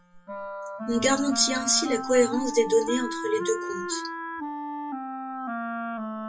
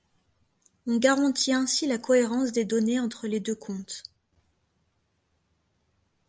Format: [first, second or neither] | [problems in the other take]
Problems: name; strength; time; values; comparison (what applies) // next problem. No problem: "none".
second | noise reduction (classical method WPE with log-MMSE)